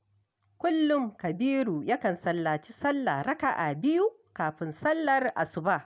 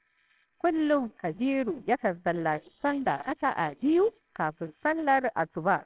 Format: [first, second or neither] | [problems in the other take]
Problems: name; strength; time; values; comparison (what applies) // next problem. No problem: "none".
first | noise reduction (neural separator model SepFormer WHAMR!)